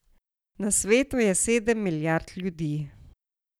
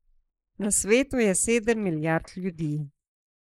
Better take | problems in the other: first | noise reduction (neural mask model Resemble Enhance denoiser)

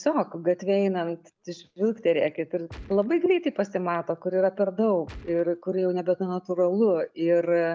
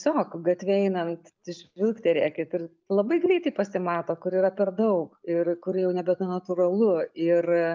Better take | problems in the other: second | background sound (Gunshot, gunfire); 18 dB below the speech

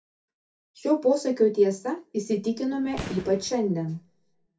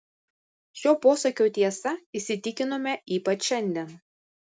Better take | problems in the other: second | background sound (Fireworks); 15 dB below the speech // room echo; dies away in 0.3 s

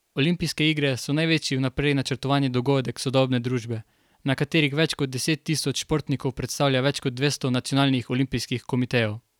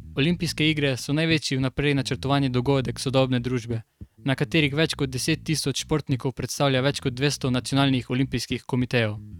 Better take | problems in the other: first | noise reduction (neural mask model RNNoise)

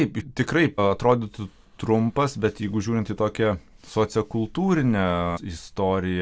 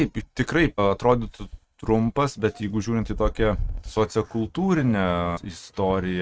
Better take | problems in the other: first | noise reduction (neural mask model RNNoise)

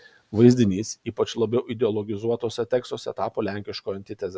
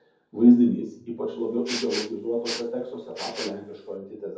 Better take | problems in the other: first | background sound (Respiratory sounds); 12 dB below the speech // room echo; dies away in 0.6 s

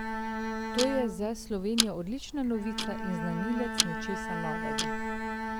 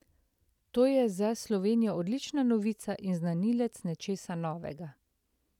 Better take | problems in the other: second | background sound (Tick-tock + Bowed string instrument); as loud as the speech

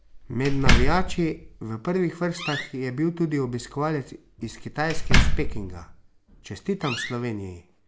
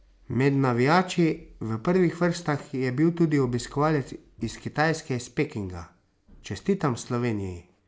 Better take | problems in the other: second | background sound (Slam); 3 dB above the speech

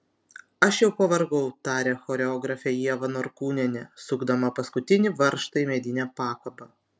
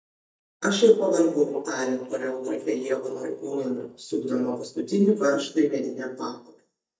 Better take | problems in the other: first | noise reduction (neural mask model DeepFilterNet 3)

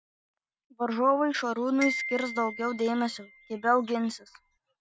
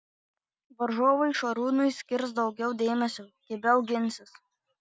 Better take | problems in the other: second | background sound (Glockenspiel); 10 dB below the speech

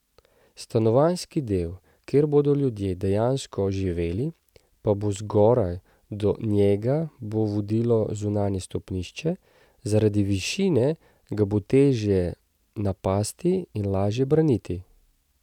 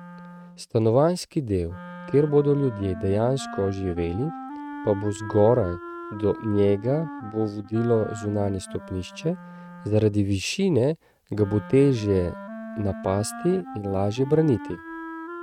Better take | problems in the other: first | noise reduction (neural mask model RNNoise)

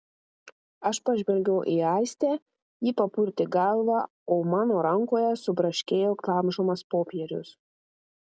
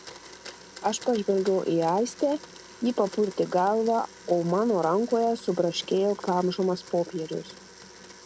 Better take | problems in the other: first | background sound (Domestic sounds, home sounds); 19 dB below the speech

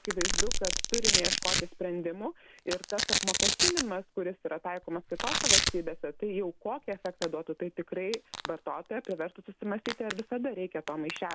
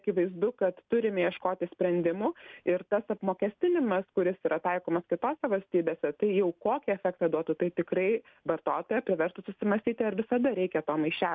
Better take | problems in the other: second | background sound (Domestic sounds, home sounds); 2 dB above the speech

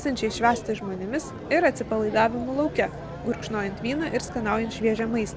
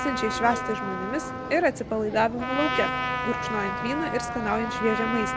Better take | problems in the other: first | background sound (Trumpet); 4 dB below the speech

